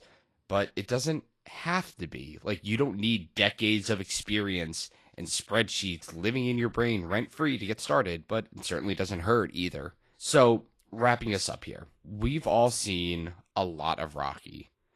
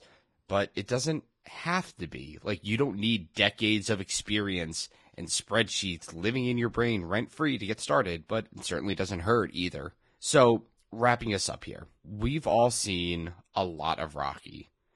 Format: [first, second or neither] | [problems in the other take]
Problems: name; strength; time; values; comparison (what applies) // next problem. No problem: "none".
first | garbled, watery; badly; nothing above 10.5 kHz; slightly in the first